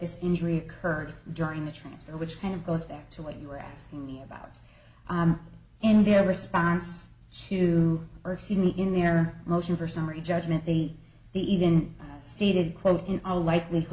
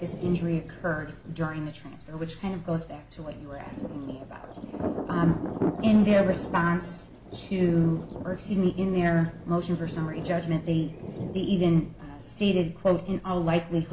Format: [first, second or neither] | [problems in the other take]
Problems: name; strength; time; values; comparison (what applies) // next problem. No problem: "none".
first | background sound (Thunder); 10 dB below the speech